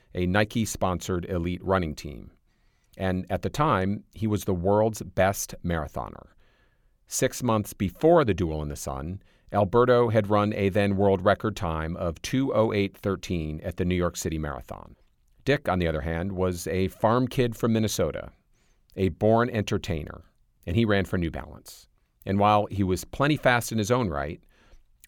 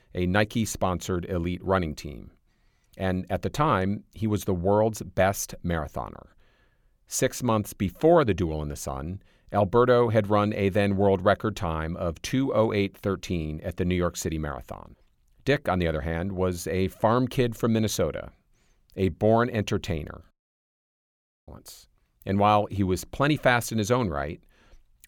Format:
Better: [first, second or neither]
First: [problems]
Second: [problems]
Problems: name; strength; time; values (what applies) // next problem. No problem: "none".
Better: first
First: none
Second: audio cutting out; at 20 s for 1 s